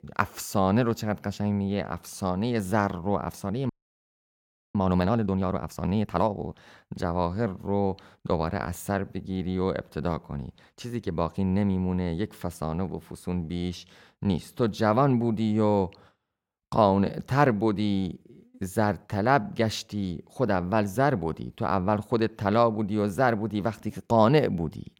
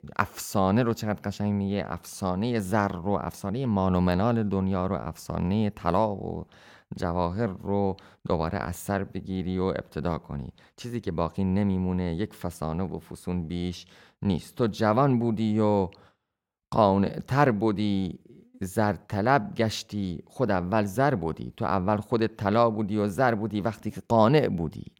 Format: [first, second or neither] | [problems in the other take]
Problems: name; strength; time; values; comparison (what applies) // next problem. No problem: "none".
second | audio freezing; at 3.5 s for 1 s